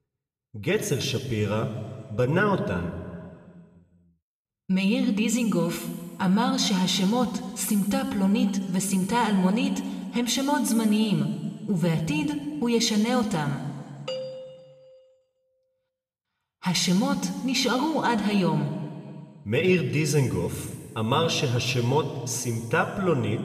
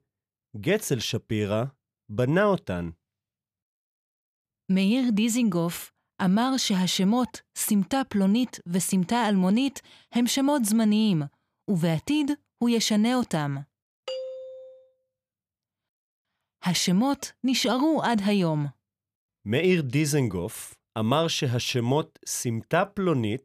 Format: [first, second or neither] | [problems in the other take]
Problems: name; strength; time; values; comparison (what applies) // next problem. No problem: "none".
second | room echo; noticeable; dies away in 1.7 s